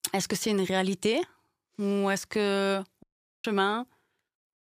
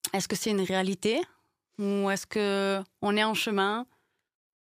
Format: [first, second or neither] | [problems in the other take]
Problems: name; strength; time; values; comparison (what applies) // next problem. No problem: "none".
second | audio cutting out; at 3 s